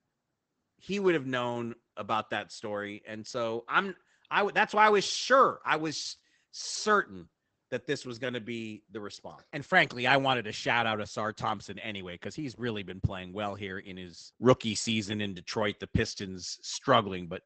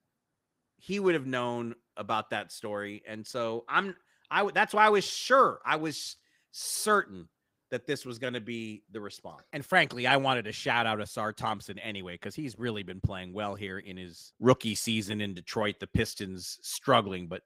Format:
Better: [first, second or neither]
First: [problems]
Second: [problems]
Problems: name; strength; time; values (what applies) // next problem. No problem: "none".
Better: second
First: garbled, watery; badly; nothing above 8 kHz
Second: garbled, watery; slightly; nothing above 15.5 kHz